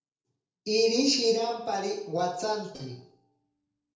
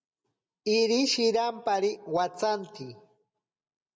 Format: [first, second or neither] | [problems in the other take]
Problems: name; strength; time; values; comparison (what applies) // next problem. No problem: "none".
second | noise reduction (neural separator model SepFormer DNS4)